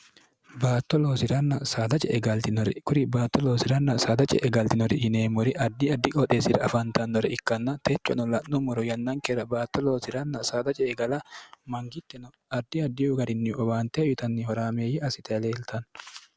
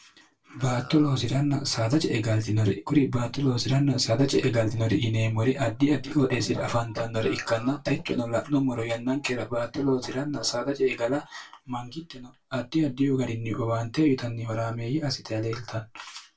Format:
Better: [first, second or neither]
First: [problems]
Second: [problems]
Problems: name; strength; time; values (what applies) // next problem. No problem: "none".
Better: first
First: none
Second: noise reduction (neural separator model SepFormer DNS4)